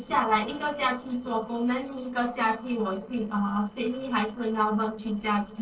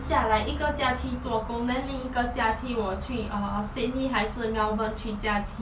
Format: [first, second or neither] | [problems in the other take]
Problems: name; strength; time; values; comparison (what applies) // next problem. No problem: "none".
second | noise reduction (neural separator model SepFormer DNS4)